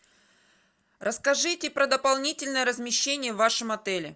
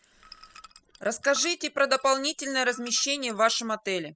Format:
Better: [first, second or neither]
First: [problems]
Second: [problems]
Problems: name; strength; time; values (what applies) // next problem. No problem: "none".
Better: first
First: none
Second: noise reduction (classical method spectral subtraction)